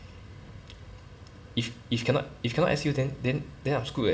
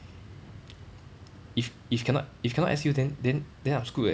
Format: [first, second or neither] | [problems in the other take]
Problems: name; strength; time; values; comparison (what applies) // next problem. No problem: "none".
second | room echo; dies away in 1.1 s